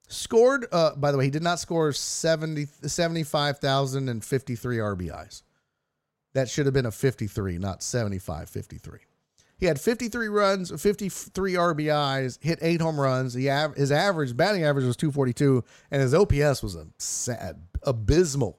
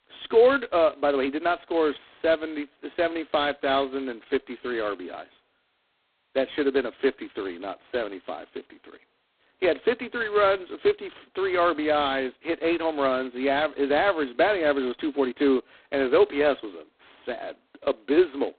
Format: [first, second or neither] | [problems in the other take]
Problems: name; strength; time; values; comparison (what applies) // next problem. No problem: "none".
first | phone-call audio; poor line; nothing above 4 kHz